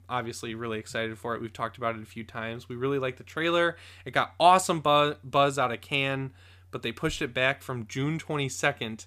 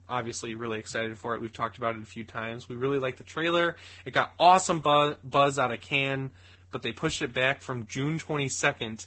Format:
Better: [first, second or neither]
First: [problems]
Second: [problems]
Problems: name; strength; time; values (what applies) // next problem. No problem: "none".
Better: first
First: none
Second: garbled, watery; badly; nothing above 8 kHz